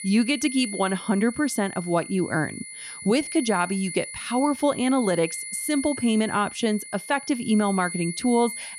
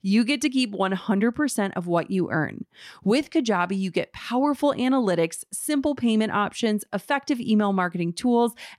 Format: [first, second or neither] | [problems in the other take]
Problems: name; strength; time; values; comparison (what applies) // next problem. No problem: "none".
second | high-pitched whine; loud; throughout; 10 kHz, 10 dB below the speech